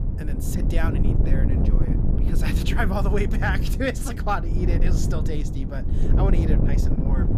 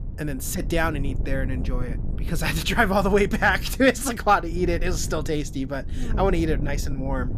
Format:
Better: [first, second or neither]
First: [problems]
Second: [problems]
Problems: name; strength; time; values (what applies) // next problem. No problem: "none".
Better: second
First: wind noise on the microphone; heavy; 5 dB below the speech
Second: wind noise on the microphone; occasional gusts; 20 dB below the speech